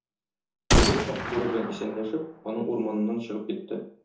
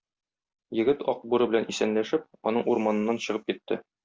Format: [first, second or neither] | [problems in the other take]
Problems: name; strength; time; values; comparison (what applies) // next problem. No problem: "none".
second | background sound (Gunshot, gunfire); 3 dB above the speech // room echo; dies away in 0.5 s